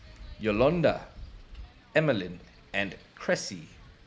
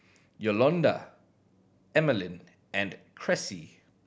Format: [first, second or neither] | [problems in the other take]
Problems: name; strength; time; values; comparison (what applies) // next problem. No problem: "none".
second | background sound (Wind); 17 dB below the speech